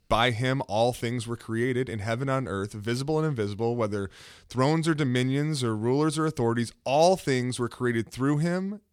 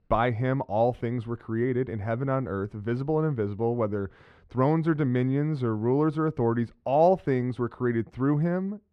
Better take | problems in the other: first | muffled; very; fading above 3.5 kHz

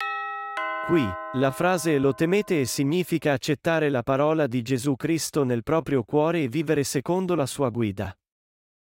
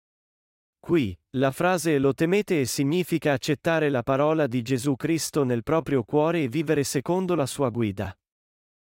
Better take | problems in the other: second | doorbell; noticeable; until 2.5 s; peak 4 dB below the speech

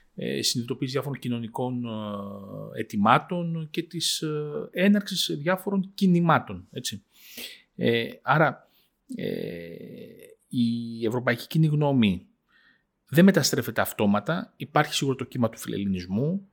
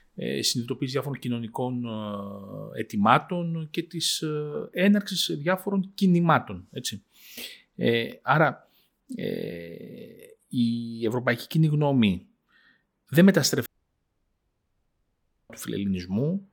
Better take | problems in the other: first | audio cutting out; at 14 s for 2 s

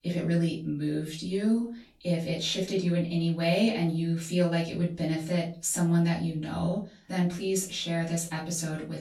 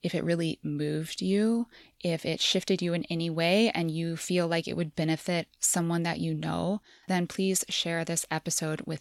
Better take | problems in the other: second | off-mic speech; far // room echo; slight; dies away in 0.3 s

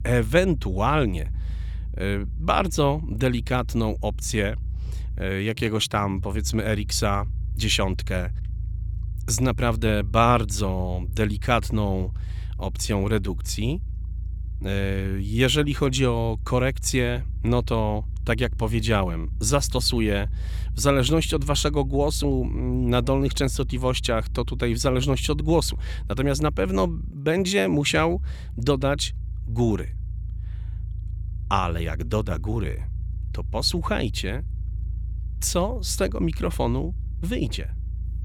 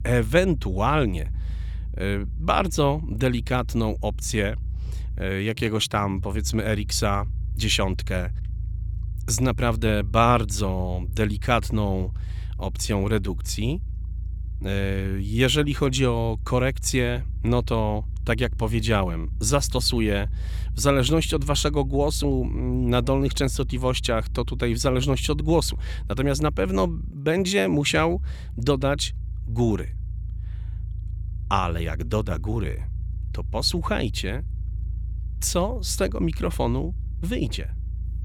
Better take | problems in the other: neither | low rumble; faint; throughout; 25 dB below the speech; the same in both

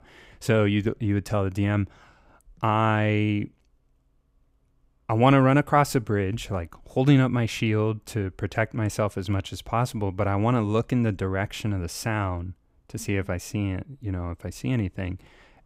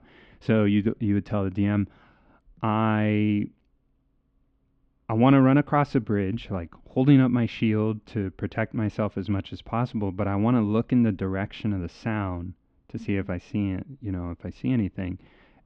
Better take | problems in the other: first | muffled; slightly; fading above 4 kHz

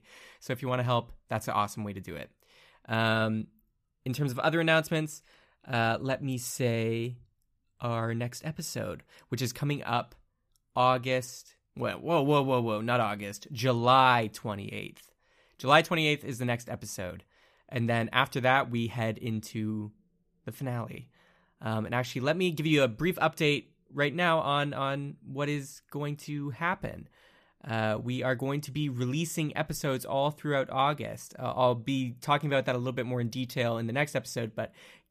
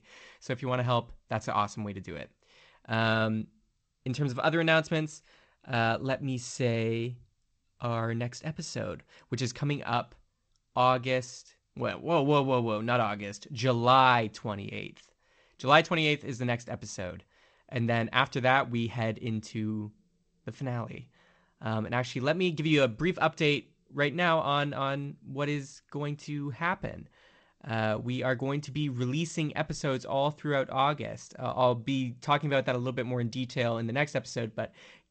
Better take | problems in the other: first | garbled, watery; slightly; nothing above 8 kHz

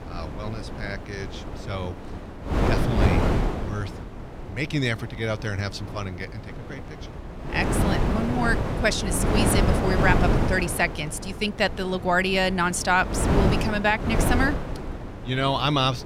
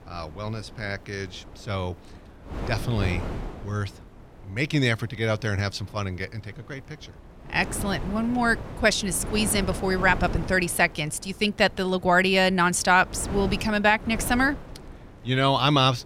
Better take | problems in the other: second | wind noise on the microphone; heavy; 5 dB below the speech; occasional gusts in the second

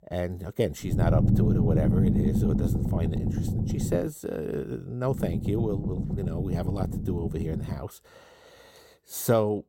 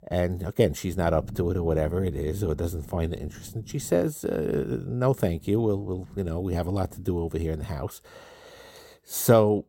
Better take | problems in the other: second | low rumble; loud; from 1 to 4 s and from 5 to 8 s; 3 dB below the speech; faint in the second

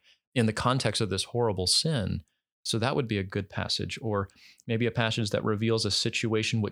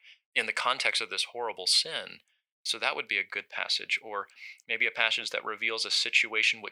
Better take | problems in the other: first | thin; very; fading below 700 Hz

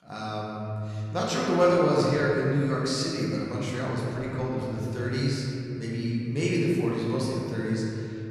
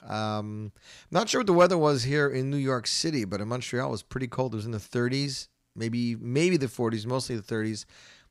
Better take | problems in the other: second | room echo; strong; dies away in 3 s // off-mic speech; far

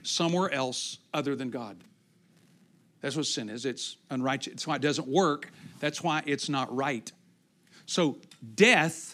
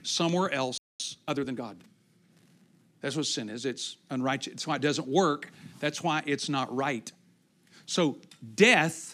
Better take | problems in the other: first | audio freezing; at 1 s

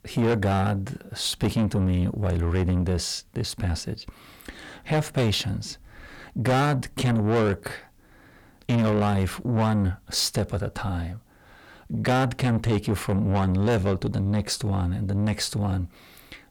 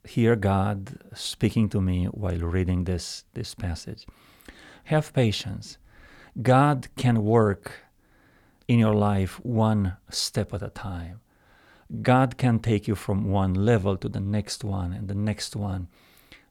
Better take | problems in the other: second | distortion; heavy; 7 dB below the speech

